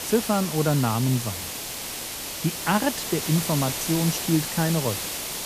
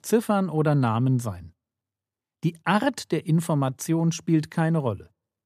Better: second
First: hiss; loud; throughout; 4 dB below the speech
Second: none

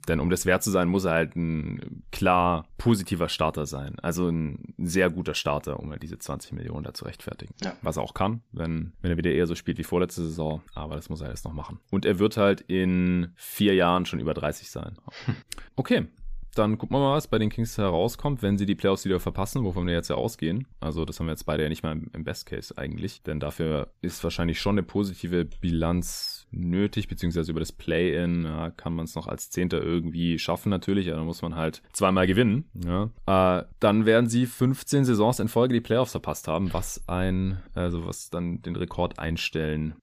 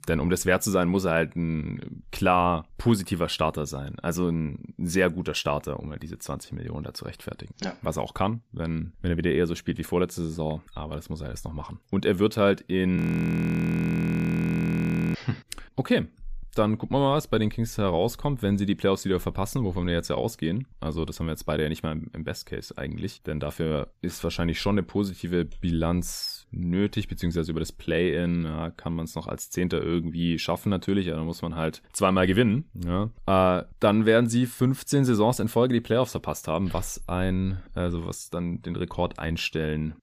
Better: first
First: none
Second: audio freezing; at 13 s for 2 s

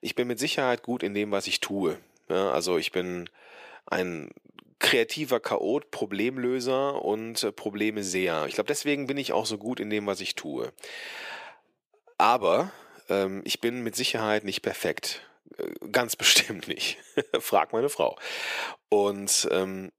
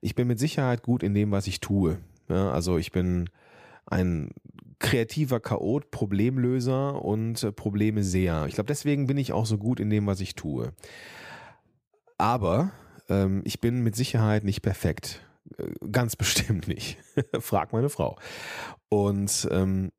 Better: second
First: thin; somewhat; fading below 450 Hz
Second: none

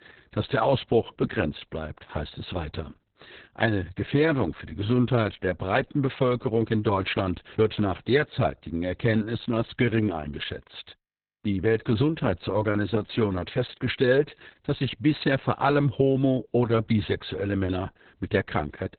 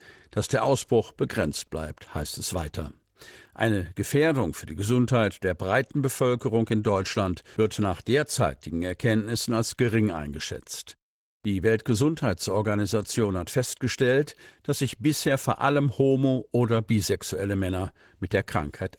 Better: second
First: garbled, watery; badly; nothing above 4 kHz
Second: garbled, watery; slightly; nothing above 17.5 kHz

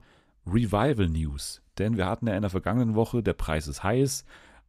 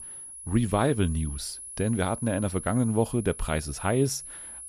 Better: first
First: none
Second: high-pitched whine; noticeable; throughout; 10.5 kHz, 10 dB below the speech

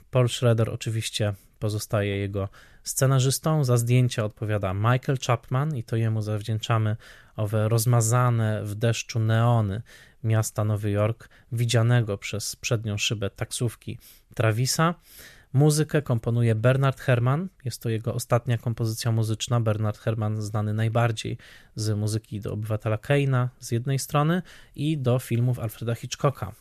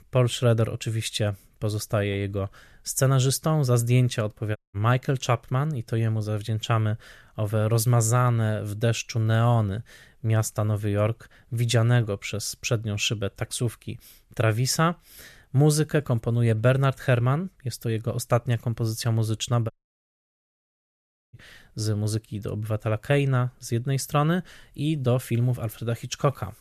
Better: first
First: none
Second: audio cutting out; at 4.5 s and at 20 s for 1.5 s

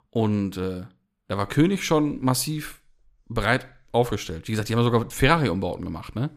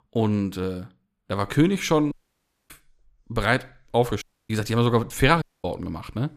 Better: first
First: none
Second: audio cutting out; at 2 s for 0.5 s, at 4 s and at 5.5 s

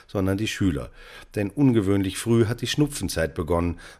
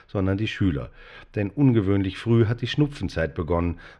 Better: first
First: none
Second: muffled; slightly; fading above 3 kHz

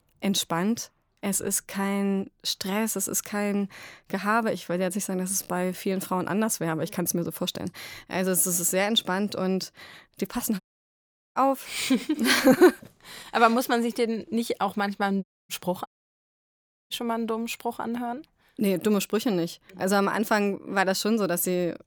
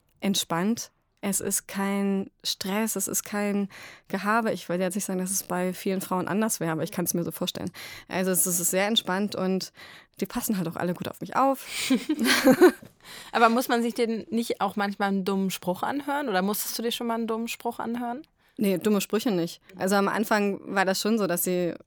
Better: second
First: audio cutting out; at 11 s for 1 s, at 15 s and at 16 s for 1 s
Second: none

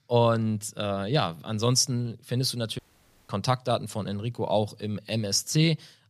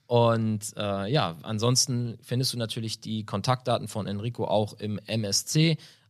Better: second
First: audio cutting out; at 3 s for 0.5 s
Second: none

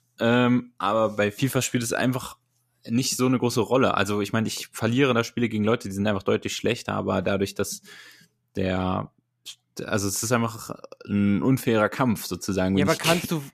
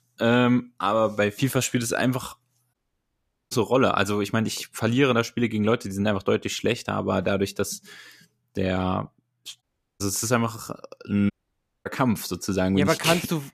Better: first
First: none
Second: audio cutting out; at 2.5 s for 1 s, at 9.5 s and at 11 s for 0.5 s

